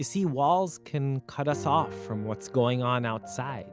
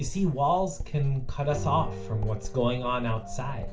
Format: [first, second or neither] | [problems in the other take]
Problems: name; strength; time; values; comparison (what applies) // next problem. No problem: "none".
first | background sound (Writing); 7 dB below the speech // room echo; dies away in 0.3 s